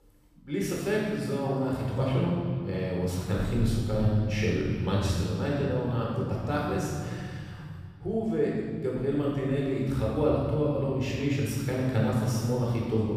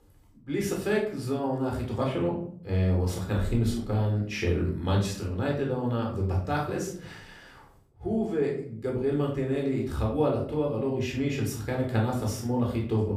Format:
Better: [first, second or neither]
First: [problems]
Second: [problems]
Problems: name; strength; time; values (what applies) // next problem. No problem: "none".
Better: second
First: room echo; strong; dies away in 2.7 s // off-mic speech; far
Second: room echo; slight; dies away in 0.5 s // off-mic speech; far